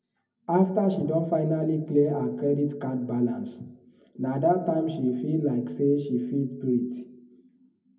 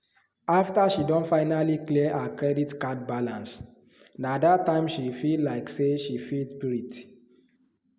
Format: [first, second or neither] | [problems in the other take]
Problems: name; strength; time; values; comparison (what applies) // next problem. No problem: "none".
second | room echo; dies away in 0.3 s